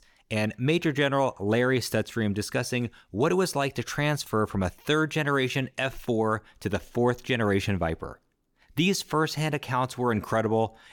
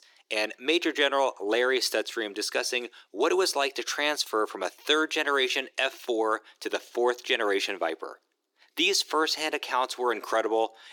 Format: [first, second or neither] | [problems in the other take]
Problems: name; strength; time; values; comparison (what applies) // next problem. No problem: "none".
first | thin; very; fading below 350 Hz